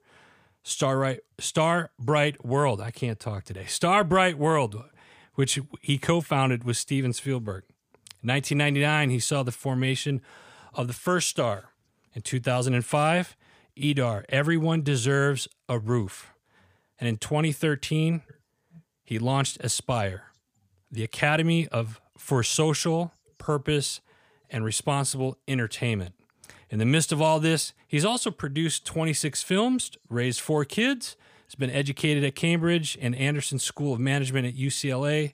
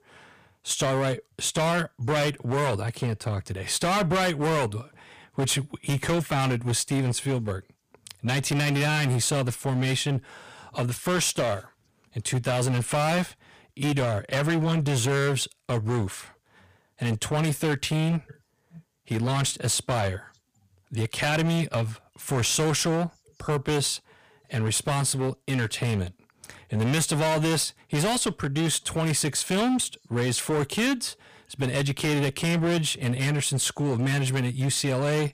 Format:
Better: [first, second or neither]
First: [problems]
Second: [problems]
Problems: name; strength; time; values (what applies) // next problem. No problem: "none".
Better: first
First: none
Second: distortion; heavy; 17% of the sound clipped